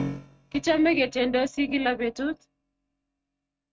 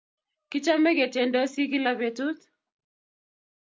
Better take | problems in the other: second | noise reduction (neural mask model RNNoise)

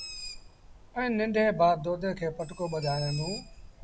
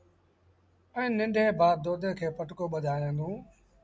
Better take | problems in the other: second | background sound (Bird); 13 dB below the speech

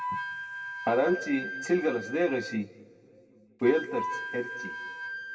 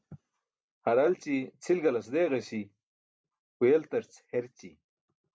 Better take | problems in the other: second | background sound (Wind instrument, woodwind instrument); 7 dB below the speech // room echo; dies away in 1.6 s

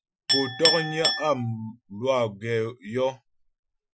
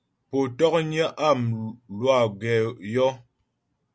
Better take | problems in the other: second | noise reduction (classical method Wiener filter)

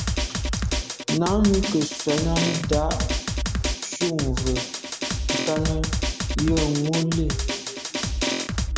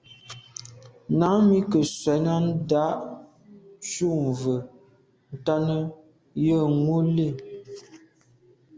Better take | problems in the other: second | background sound (Drum); as loud as the speech

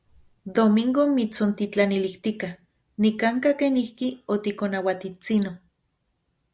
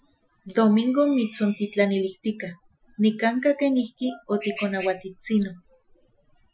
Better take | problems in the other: first | noise reduction (classical method Wiener filter)

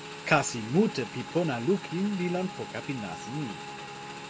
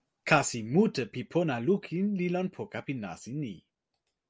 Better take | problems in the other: second | background sound (Motorcycle / Engine); 11 dB below the speech

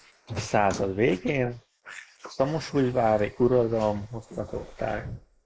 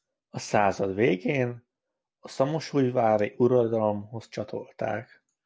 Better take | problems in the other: second | noise reduction (neural mask model Resemble Enhance denoiser)

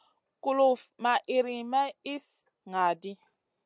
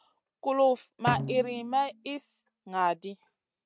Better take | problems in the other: first | noise reduction (neural mask model RNNoise)

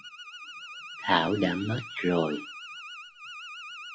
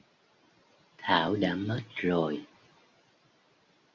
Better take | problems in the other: second | noise reduction (classical method log-MMSE)

